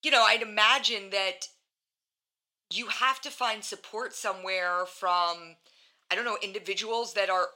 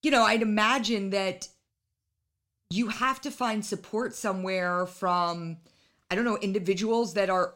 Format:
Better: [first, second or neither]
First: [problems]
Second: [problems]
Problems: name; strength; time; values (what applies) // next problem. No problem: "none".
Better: second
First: thin; very; fading below 650 Hz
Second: none